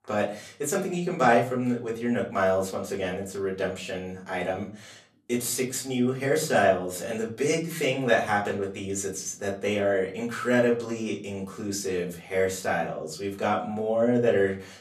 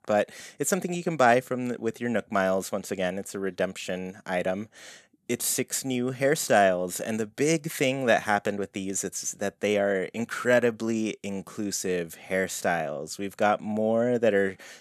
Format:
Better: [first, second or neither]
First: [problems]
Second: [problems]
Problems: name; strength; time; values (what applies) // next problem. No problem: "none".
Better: second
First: off-mic speech; far // room echo; very slight; dies away in 0.4 s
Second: none